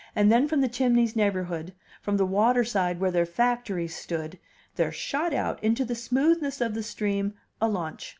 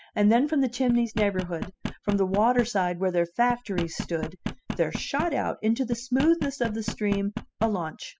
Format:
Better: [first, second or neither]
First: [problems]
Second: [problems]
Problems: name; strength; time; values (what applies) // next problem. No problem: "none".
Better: first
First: none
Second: noise reduction (classical method spectral subtraction)